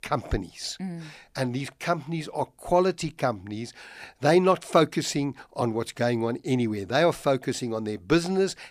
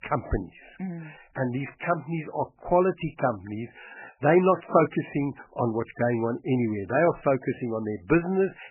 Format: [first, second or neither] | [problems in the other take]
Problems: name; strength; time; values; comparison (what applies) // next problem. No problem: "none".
first | garbled, watery; badly; nothing above 3 kHz